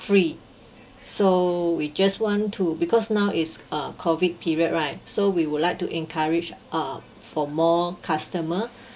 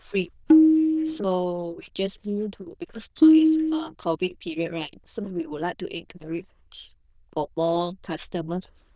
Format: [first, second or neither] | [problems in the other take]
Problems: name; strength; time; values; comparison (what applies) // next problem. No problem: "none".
first | noise reduction (neural diffusion model UNIVERSE++)